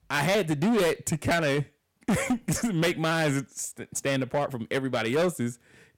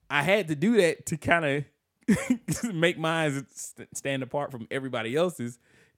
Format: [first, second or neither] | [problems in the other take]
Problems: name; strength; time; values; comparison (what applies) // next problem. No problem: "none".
second | distortion; heavy; 14% of the sound clipped